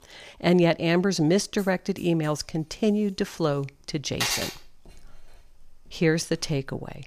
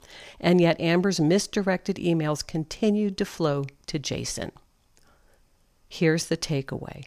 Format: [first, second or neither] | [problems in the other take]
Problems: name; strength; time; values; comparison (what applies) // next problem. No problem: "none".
second | household noises; loud; throughout; 3 dB below the speech